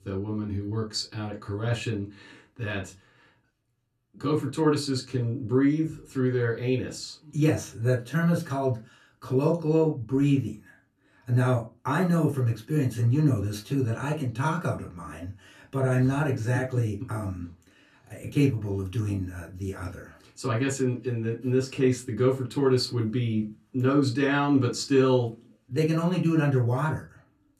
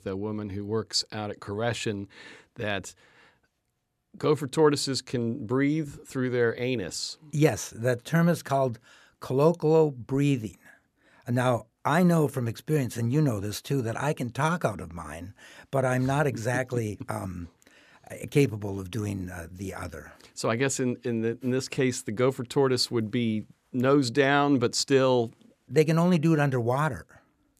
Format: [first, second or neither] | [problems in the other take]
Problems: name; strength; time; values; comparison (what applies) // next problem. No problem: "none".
second | off-mic speech; far // room echo; very slight; dies away in 0.2 s